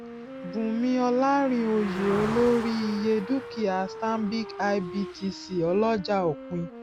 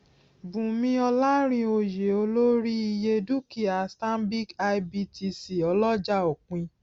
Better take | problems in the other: second | background sound (Wind instrument, woodwind instrument + Car passing by); 11 dB below the speech

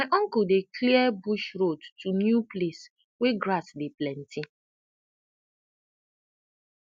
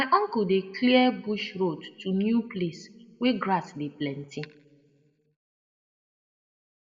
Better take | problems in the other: first | room echo; dies away in 1.6 s

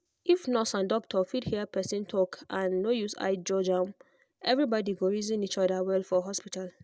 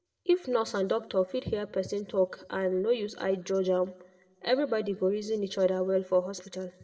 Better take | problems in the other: first | room echo; dies away in 0.7 s

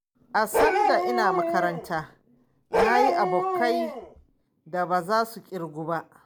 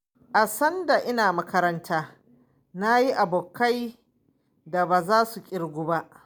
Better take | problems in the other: second | background sound (Bark); 2 dB above the speech

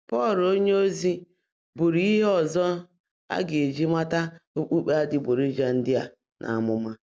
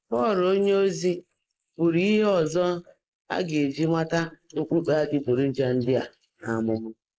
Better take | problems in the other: first | noise reduction (neural mask model Resemble Enhance denoiser)

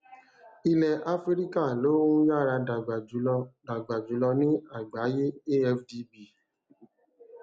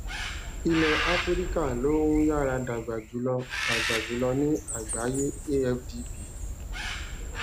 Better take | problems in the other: first | background sound (Bird); 4 dB below the speech

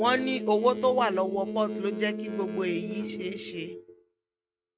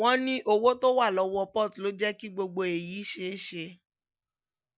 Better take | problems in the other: second | noise reduction (neural mask model RNNoise)

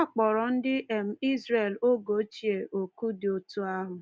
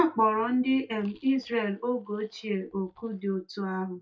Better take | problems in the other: first | noise reduction (neural mask model DeepFilterNet 3)

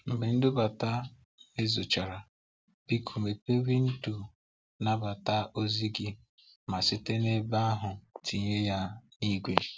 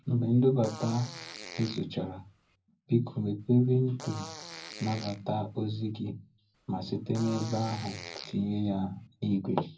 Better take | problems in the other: first | background sound (Fart); 16 dB below the speech // room echo; dies away in 0.4 s

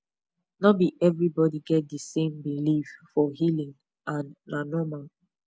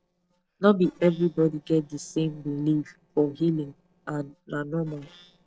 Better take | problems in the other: first | noise reduction (neural separator model SepFormer DNS4)

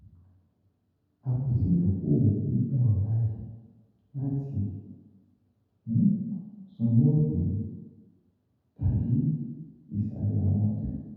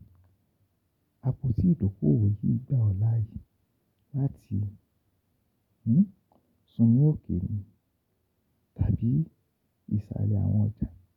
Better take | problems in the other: second | room echo; dies away in 1.2 s

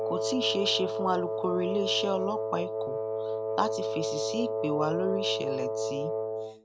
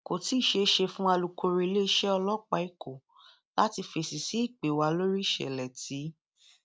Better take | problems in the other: second | background sound (Wind instrument, woodwind instrument); 1 dB above the speech

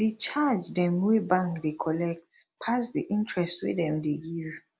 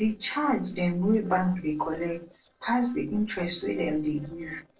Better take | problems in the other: first | noise reduction (neural separator model SepFormer DNS4)

